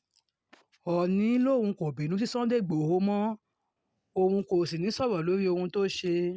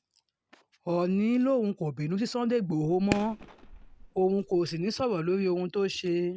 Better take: first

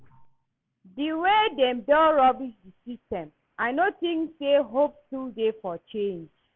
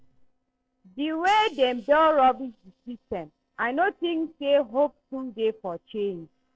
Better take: first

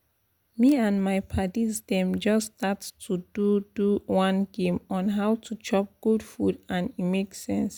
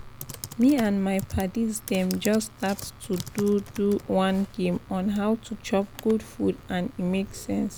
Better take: first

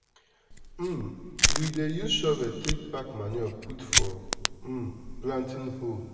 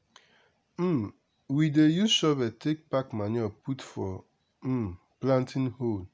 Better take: second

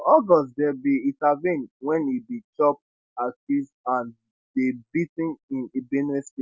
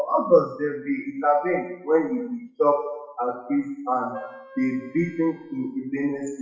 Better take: first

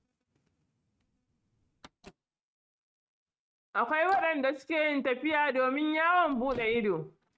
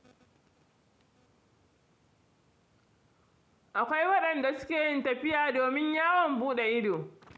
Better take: second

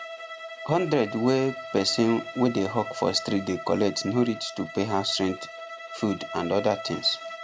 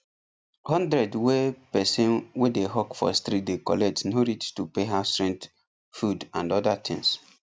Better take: second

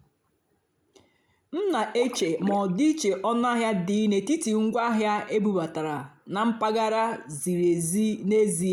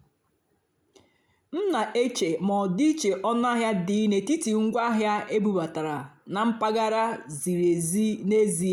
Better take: second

